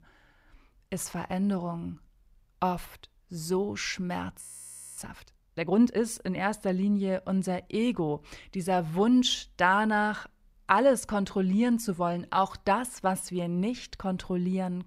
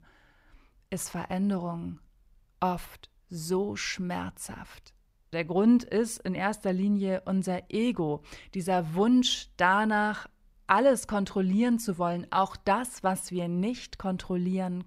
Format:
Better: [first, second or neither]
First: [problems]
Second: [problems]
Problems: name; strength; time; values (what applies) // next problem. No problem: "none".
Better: second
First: audio freezing; at 4.5 s for 0.5 s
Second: none